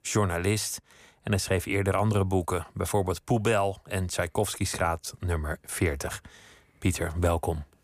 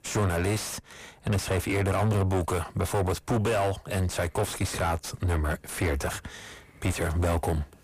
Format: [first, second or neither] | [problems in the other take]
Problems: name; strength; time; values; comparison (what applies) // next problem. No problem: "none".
first | distortion; heavy; 6 dB below the speech